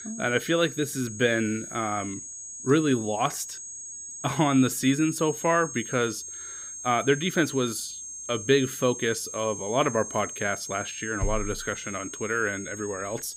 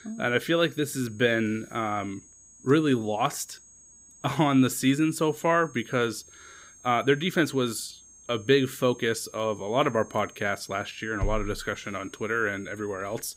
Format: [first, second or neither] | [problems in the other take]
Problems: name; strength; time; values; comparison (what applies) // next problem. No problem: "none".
second | high-pitched whine; loud; throughout; 6.5 kHz, 9 dB below the speech; faint in the second